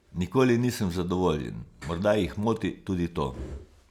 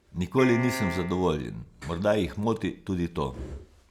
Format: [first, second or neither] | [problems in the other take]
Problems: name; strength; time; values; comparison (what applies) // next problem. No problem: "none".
first | background sound (Piano); 6 dB below the speech